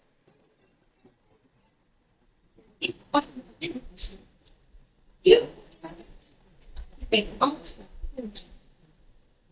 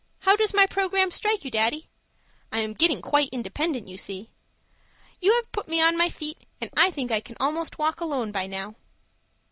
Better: second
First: noise reduction (neural mask model DeepFilterNet 3)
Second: none

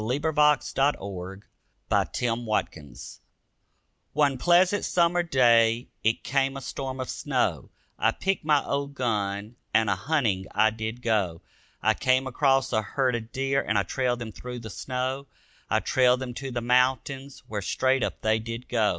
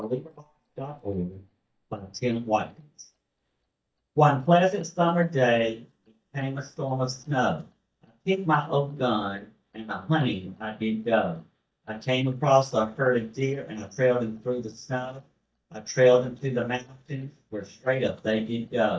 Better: first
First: none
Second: noise reduction (neural mask model DeepFilterNet 3)

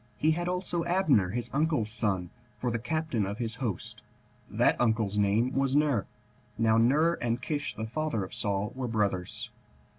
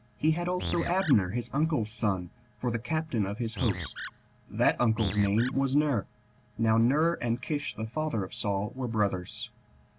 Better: first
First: none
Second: background sound (Animal); 9 dB below the speech

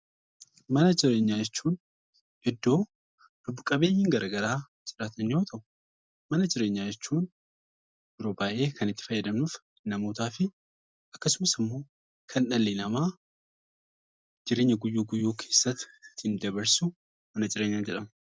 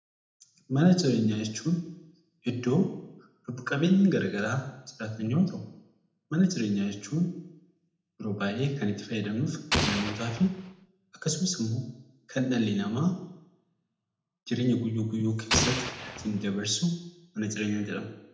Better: first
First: none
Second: background sound (Explosion); 2 dB below the speech // room echo; dies away in 0.8 s

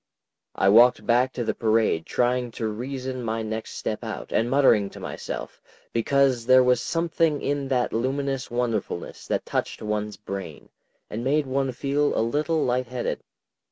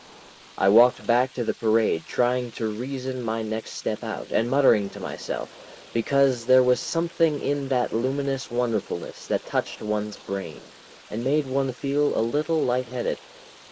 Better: first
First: none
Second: noise reduction (neural mask model Resemble Enhance denoiser)

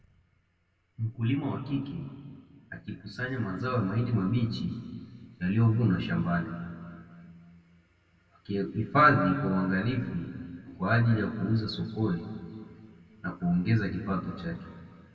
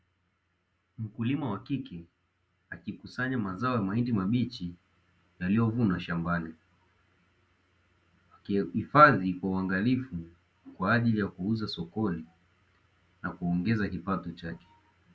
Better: second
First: room echo; dies away in 2.1 s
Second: none

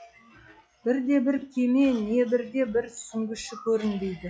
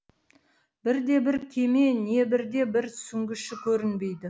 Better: second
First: noise reduction (classical method log-MMSE)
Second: none

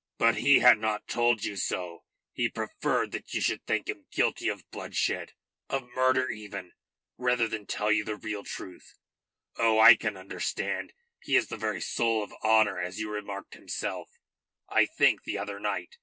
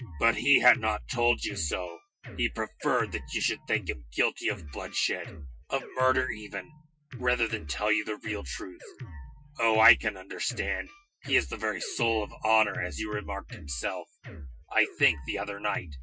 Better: first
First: none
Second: noise reduction (classical method Wiener filter)

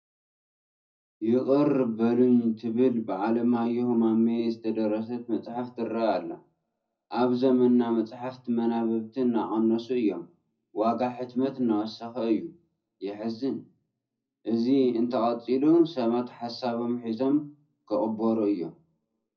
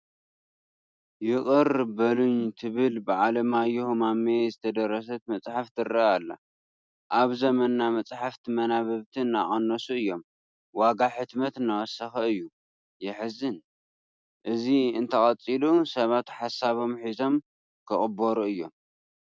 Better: second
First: room echo; dies away in 0.4 s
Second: none

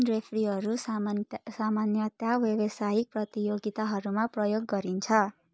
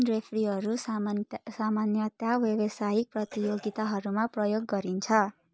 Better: first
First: none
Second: background sound (Cough); 17 dB below the speech

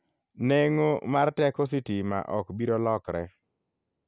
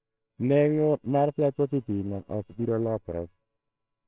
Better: first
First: none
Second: noise reduction (neural separator model SepFormer WHAMR!)

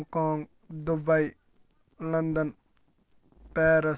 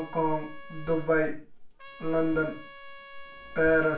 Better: first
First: none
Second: background sound (Trumpet); 20 dB below the speech // room echo; dies away in 0.4 s

